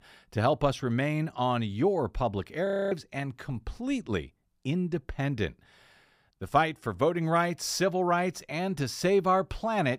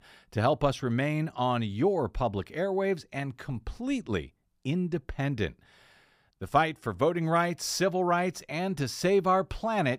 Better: second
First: audio freezing; at 2.5 s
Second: none

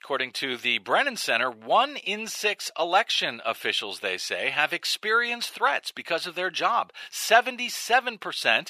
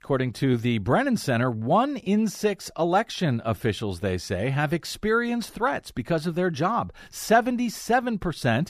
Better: second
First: thin; very; fading below 650 Hz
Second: none

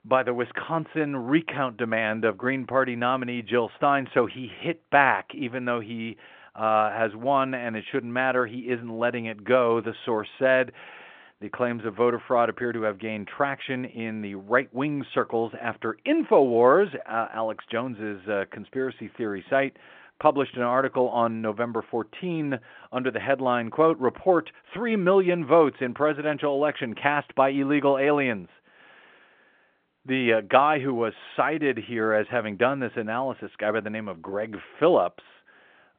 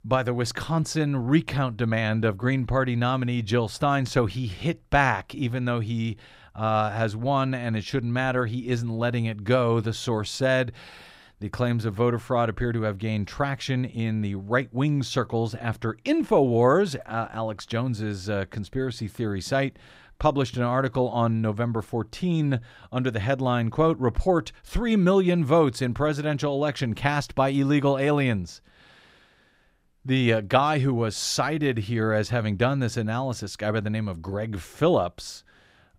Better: second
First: phone-call audio; nothing above 3.5 kHz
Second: none

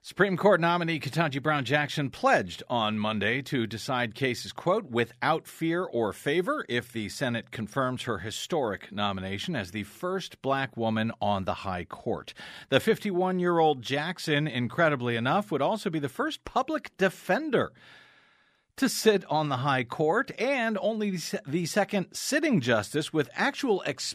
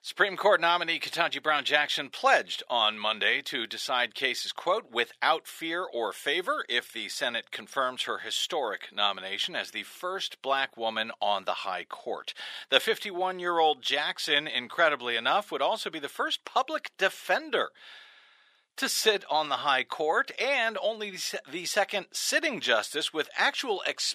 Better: first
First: none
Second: thin; very; fading below 550 Hz

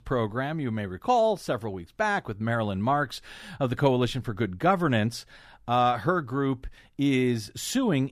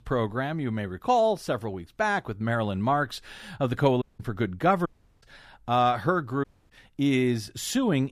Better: first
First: none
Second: audio cutting out; at 4 s, at 5 s and at 6.5 s

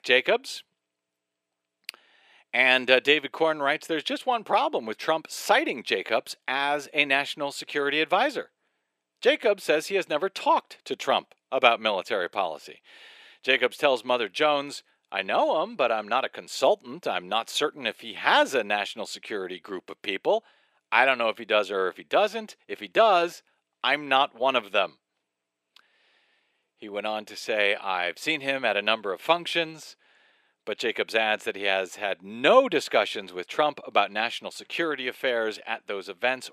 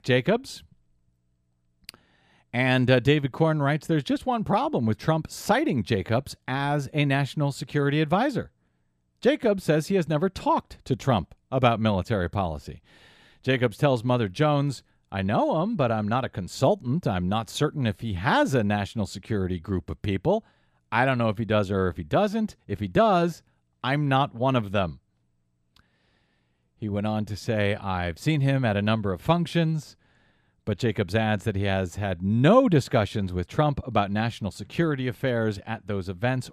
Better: second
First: thin; very; fading below 400 Hz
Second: none

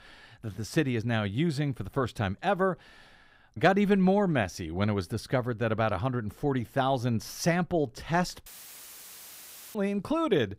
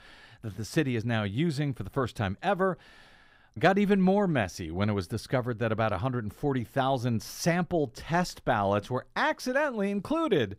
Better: second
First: audio cutting out; filled with static; at 8.5 s for 1.5 s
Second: none

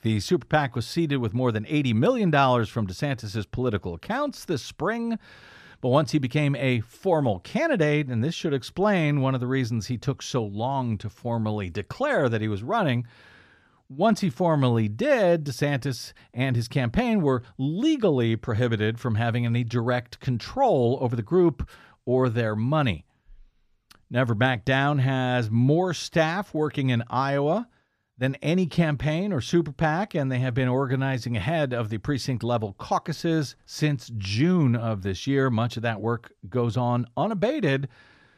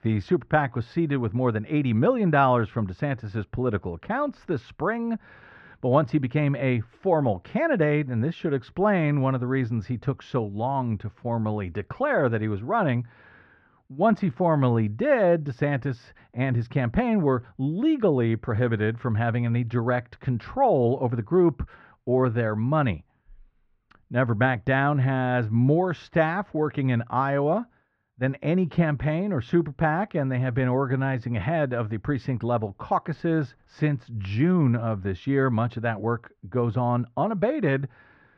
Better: first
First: none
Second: muffled; very; fading above 1.5 kHz

